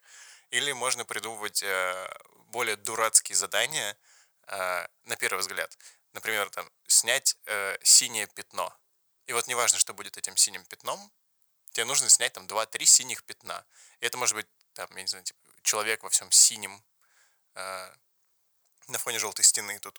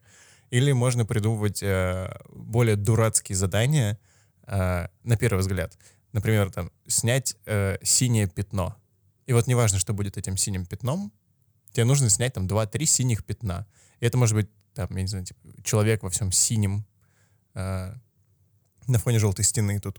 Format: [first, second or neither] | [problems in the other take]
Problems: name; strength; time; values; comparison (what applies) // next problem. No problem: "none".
second | thin; very; fading below 950 Hz